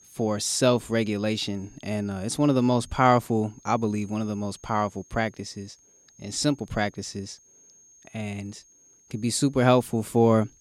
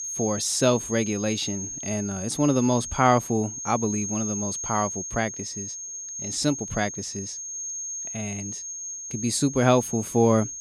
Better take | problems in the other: first | high-pitched whine; loud; throughout; 6.5 kHz, 6 dB below the speech; faint in the first

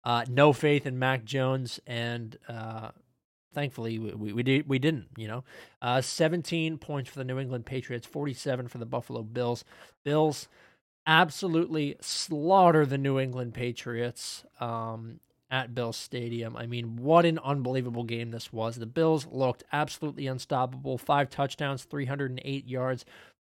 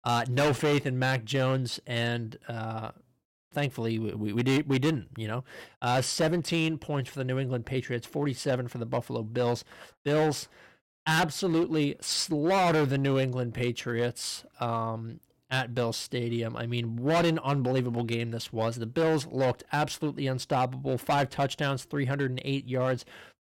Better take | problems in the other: first | distortion; heavy; 8% of the sound clipped

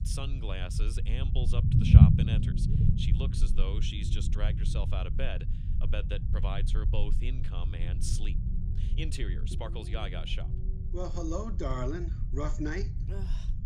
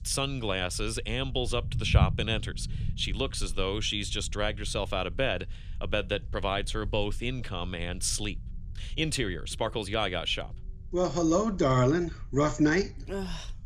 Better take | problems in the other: second | low rumble; loud; throughout; 2 dB below the speech; faint in the second

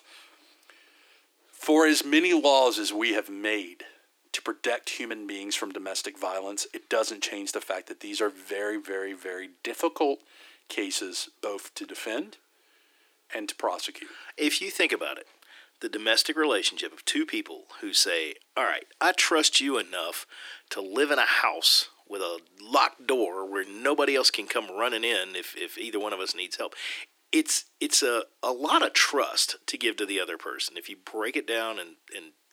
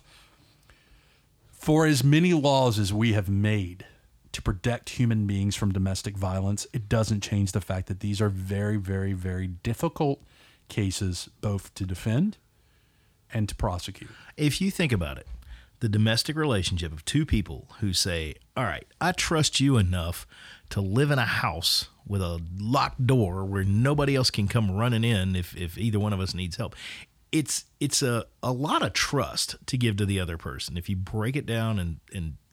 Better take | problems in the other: second | thin; very; fading below 300 Hz

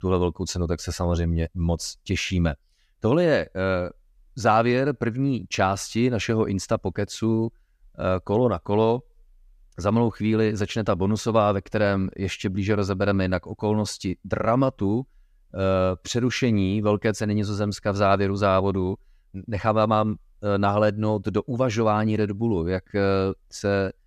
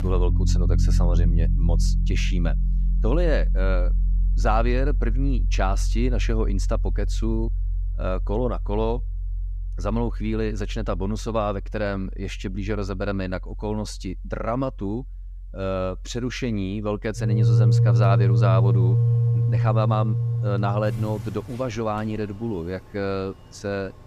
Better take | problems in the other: first | background music; very loud; throughout; 5 dB above the speech

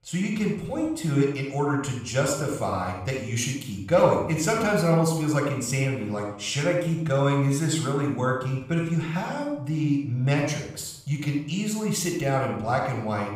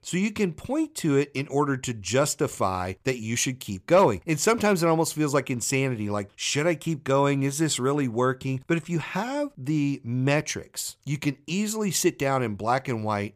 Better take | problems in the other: second | off-mic speech; far // room echo; noticeable; dies away in 0.7 s

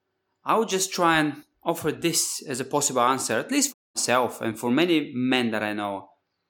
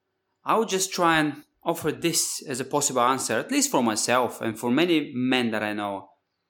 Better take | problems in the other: second | audio cutting out; at 3.5 s

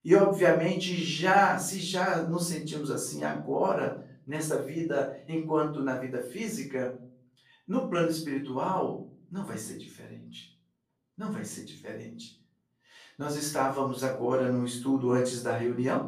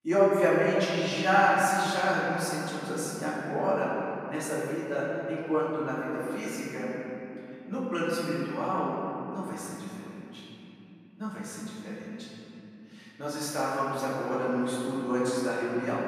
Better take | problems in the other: first | room echo; strong; dies away in 3 s; slight in the first // off-mic speech; far; far in the first

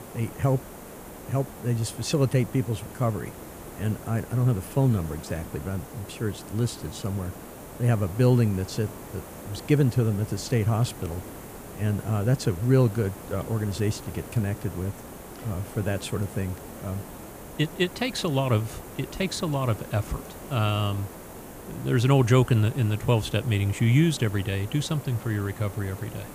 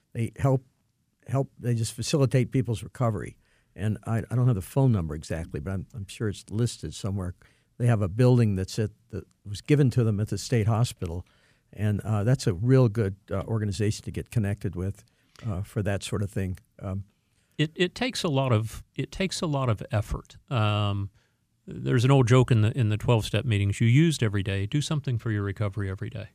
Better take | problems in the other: second | hiss; noticeable; throughout; 15 dB below the speech

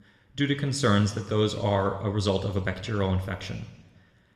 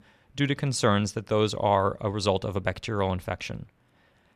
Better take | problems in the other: second | room echo; slight; dies away in 1 s

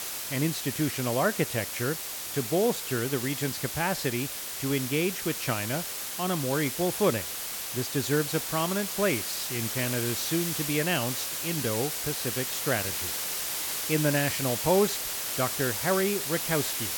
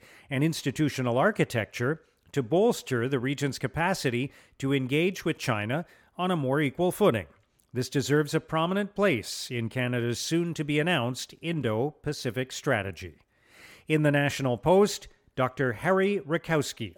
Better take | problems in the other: second | hiss; loud; throughout; 1 dB below the speech

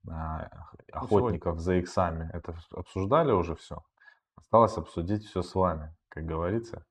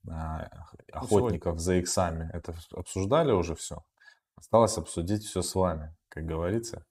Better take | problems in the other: second | muffled; slightly; fading above 3 kHz

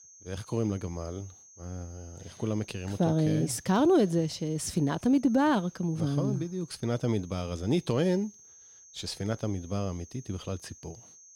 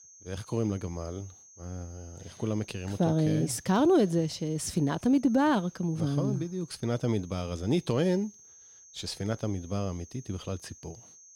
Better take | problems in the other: neither | high-pitched whine; faint; throughout; 6.5 kHz, 20 dB below the speech; the same in both

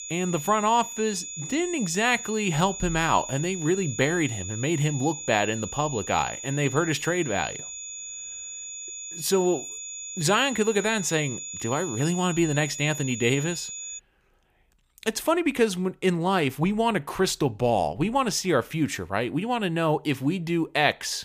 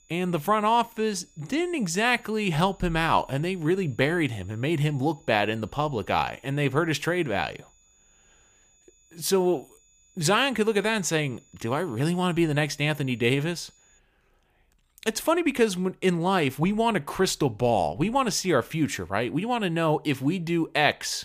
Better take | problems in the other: second | high-pitched whine; loud; until 14 s; 7 kHz, 8 dB below the speech; faint in the second

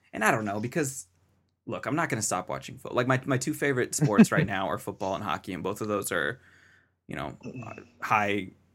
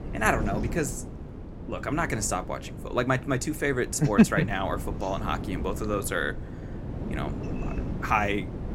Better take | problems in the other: first | wind noise on the microphone; occasional gusts; 15 dB below the speech

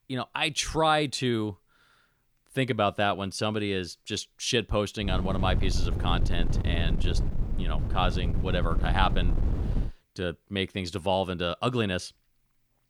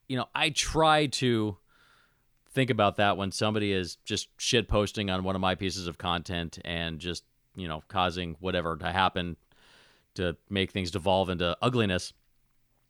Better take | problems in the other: second | wind noise on the microphone; occasional gusts; from 5 to 10 s; 15 dB below the speech

